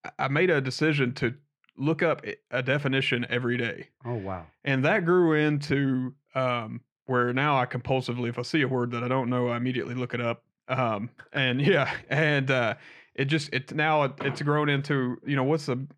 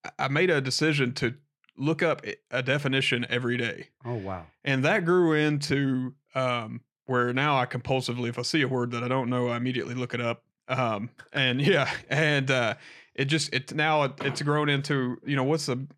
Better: second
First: muffled; very slightly; fading above 4 kHz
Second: none

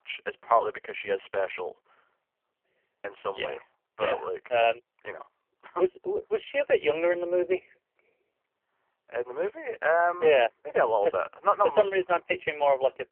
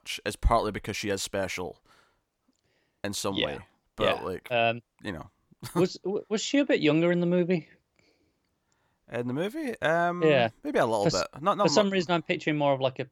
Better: second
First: phone-call audio; poor line; nothing above 3 kHz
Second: none

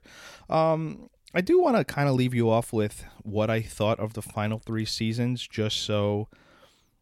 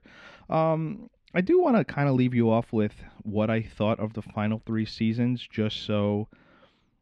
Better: first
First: none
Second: muffled; slightly; fading above 2.5 kHz

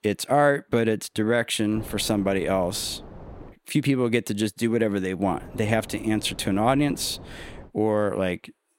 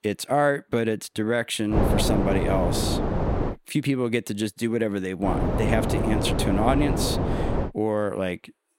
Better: first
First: wind noise on the microphone; occasional gusts; from 1.5 to 3.5 s and from 5.5 to 7.5 s; 20 dB below the speech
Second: wind noise on the microphone; heavy; from 1.5 to 3.5 s and from 5.5 to 7.5 s; 2 dB below the speech

